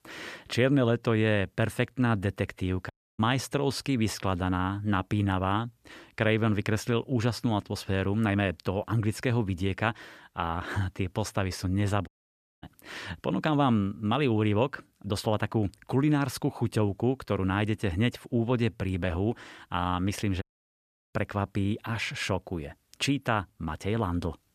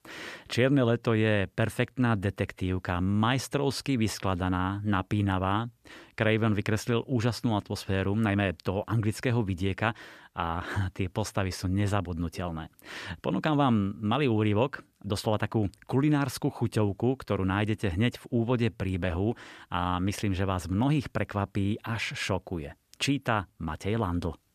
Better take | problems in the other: second | audio cutting out; at 3 s, at 12 s for 0.5 s and at 20 s for 0.5 s

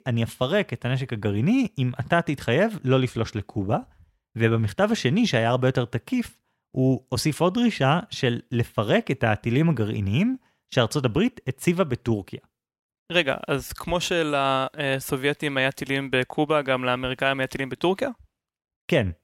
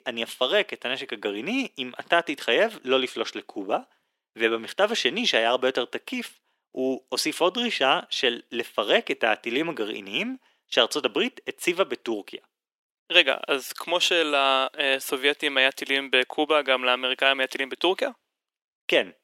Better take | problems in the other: first | thin; somewhat; fading below 300 Hz

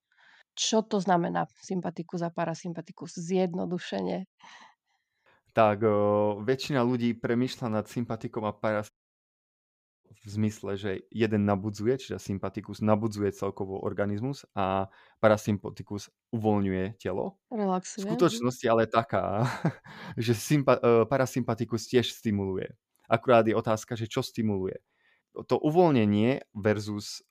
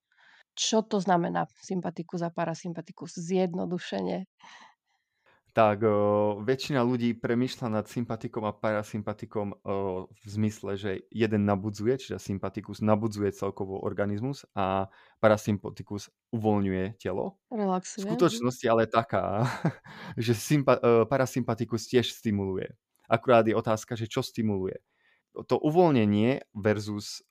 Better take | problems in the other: second | audio cutting out; at 9 s for 1 s

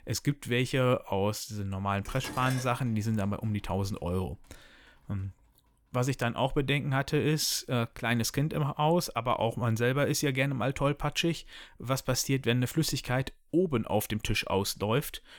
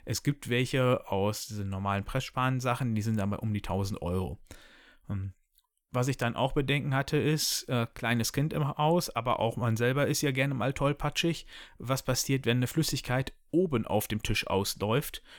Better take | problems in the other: second | clattering dishes; noticeable; at 2 s; peak 8 dB below the speech

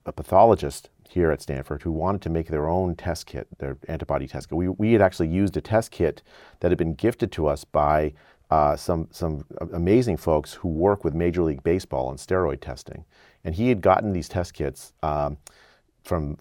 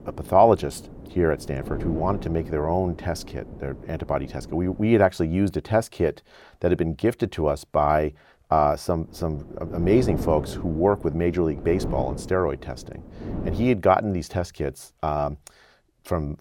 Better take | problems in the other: first | wind noise on the microphone; occasional gusts; until 5 s and from 9 to 14 s; 15 dB below the speech

